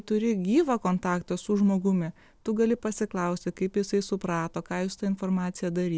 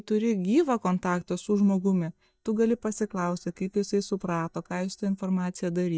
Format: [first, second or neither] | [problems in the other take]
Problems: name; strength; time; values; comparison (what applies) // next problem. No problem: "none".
first | noise reduction (neural mask model DeepFilterNet 3)